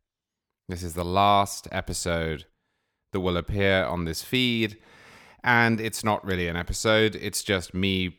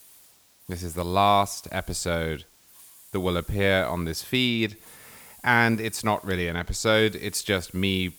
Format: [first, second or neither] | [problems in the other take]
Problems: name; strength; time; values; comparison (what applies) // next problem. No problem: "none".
first | hiss; faint; throughout; 25 dB below the speech